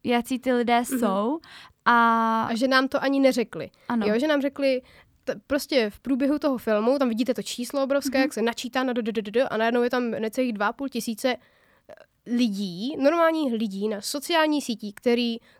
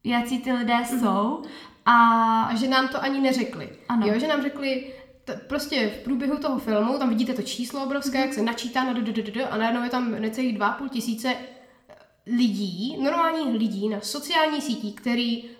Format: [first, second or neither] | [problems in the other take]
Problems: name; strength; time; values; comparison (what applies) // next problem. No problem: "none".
first | room echo; very slight; dies away in 0.6 s